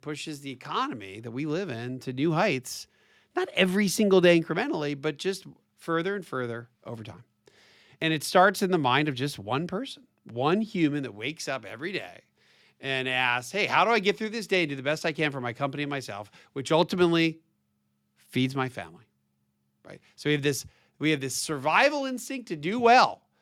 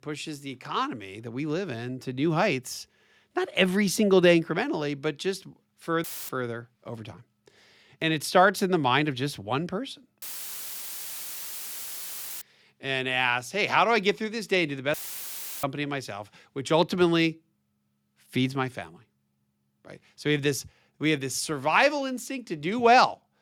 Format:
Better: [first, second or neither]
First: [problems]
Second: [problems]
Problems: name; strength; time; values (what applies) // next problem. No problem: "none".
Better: first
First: none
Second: audio cutting out; filled with static; at 6 s, at 10 s for 2 s and at 15 s for 0.5 s